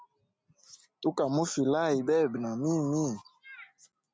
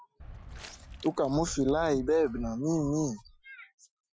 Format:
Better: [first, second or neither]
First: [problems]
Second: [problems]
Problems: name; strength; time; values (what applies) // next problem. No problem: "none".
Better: first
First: none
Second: noise reduction (classical method Wiener filter)